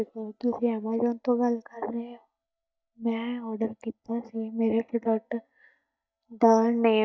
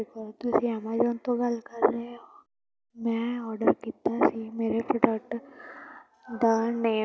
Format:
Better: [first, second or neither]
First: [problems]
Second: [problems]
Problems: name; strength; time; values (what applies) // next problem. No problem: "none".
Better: second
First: noise reduction (neural mask model DeepFilterNet 3)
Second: none